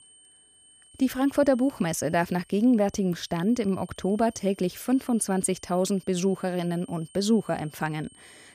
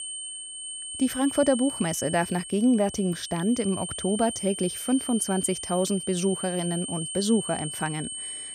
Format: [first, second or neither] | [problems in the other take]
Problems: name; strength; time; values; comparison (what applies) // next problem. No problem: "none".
first | high-pitched whine; loud; throughout; 8.5 kHz, 7 dB below the speech; faint in the first